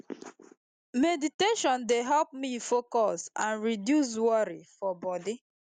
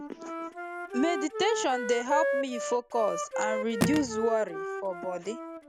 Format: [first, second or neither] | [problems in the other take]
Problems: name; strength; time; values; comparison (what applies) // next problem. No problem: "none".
first | background sound (Telephone + Wind instrument, woodwind instrument); 2 dB below the speech